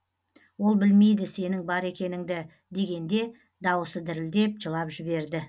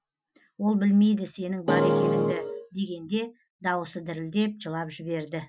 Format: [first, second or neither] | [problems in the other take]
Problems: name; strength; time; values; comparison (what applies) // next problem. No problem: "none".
first | noise reduction (classical method Wiener filter)